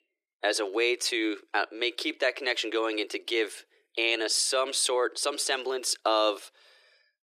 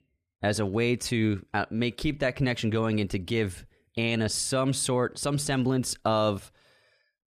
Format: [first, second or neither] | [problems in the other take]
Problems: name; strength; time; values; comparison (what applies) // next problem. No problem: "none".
second | thin; very; fading below 350 Hz